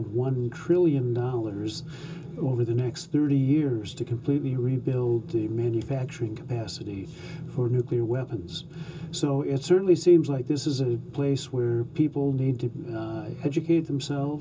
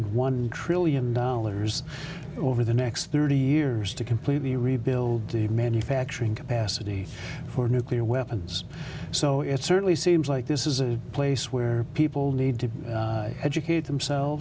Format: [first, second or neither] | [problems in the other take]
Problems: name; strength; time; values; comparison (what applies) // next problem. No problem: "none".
second | room echo; dies away in 0.2 s